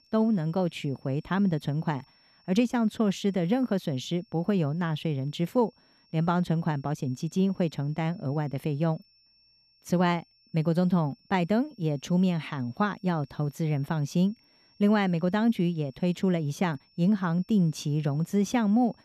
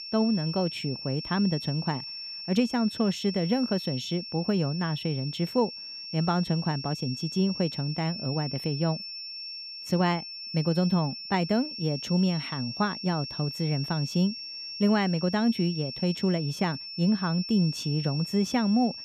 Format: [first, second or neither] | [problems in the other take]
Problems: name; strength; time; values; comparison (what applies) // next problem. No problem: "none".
first | high-pitched whine; loud; throughout; 5.5 kHz, 8 dB below the speech; faint in the first